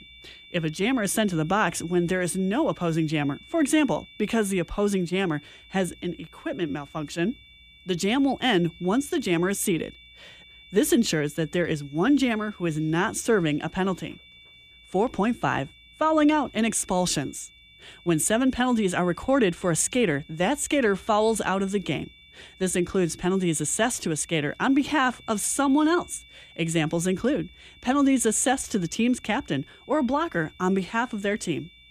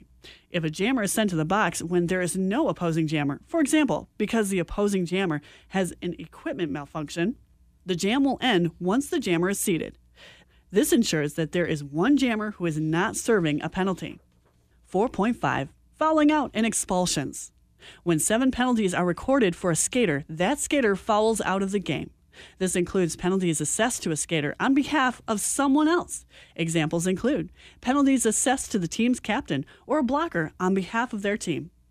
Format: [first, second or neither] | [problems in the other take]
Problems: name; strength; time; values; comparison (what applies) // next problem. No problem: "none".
second | high-pitched whine; faint; throughout; 3.5 kHz, 25 dB below the speech